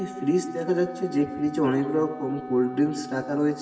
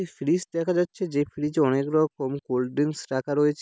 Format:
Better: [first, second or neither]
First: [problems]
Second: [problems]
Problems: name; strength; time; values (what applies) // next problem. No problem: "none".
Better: second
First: background sound (Wind instrument, woodwind instrument); 13 dB below the speech // room echo; dies away in 1.4 s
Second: none